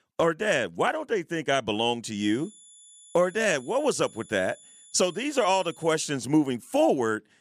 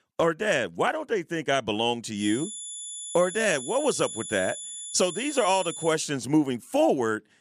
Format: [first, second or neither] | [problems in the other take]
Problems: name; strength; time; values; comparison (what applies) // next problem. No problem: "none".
first | high-pitched whine; loud; from 2 to 6 s; 10 kHz, 9 dB below the speech; faint in the first